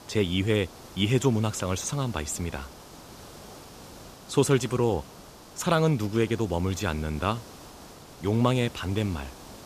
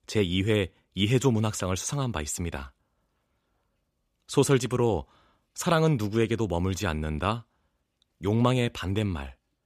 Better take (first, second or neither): second